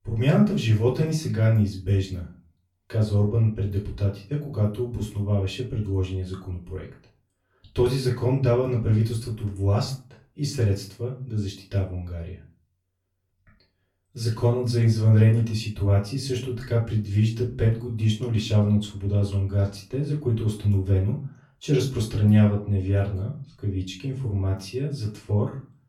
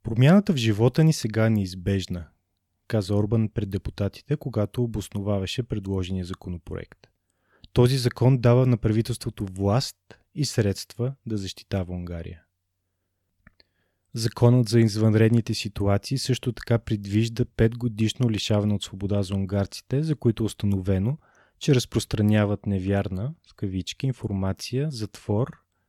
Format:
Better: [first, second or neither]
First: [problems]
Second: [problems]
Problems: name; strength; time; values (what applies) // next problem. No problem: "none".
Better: second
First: off-mic speech; far // room echo; slight; dies away in 0.3 s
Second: none